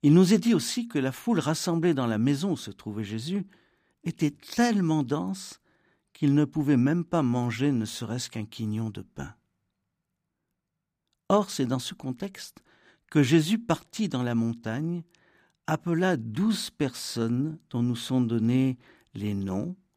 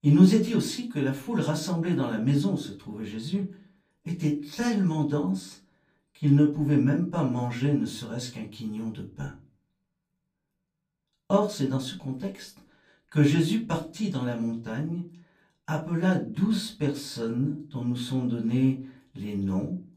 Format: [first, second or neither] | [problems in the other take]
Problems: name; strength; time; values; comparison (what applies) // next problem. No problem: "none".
first | off-mic speech; far // room echo; very slight; dies away in 0.3 s